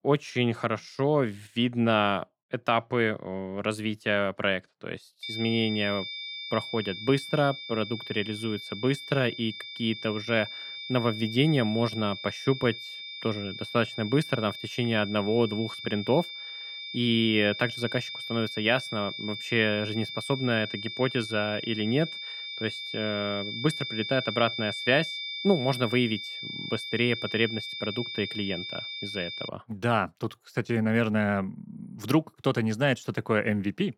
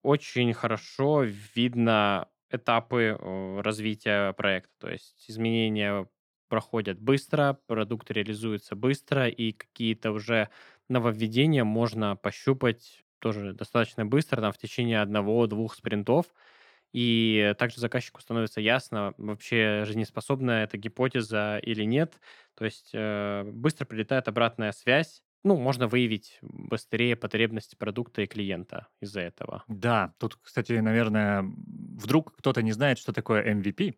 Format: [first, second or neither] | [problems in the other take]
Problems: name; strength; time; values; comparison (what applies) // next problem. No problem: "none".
second | high-pitched whine; loud; from 5 to 29 s; 3.5 kHz, 7 dB below the speech